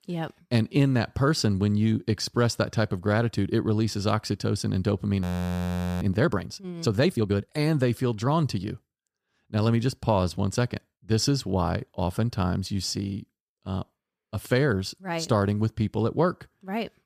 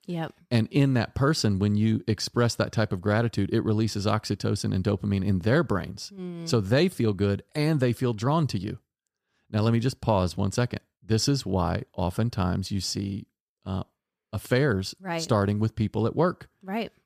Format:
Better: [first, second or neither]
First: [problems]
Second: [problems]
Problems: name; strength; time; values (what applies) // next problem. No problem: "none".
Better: second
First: audio freezing; at 5 s for 1 s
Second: none